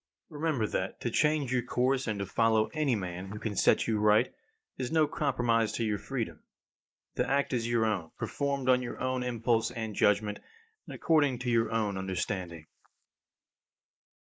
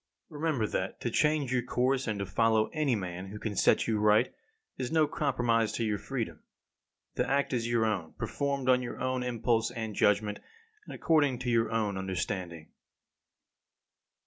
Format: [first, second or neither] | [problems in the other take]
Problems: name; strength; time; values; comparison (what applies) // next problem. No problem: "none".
second | noise reduction (neural mask model Resemble Enhance denoiser)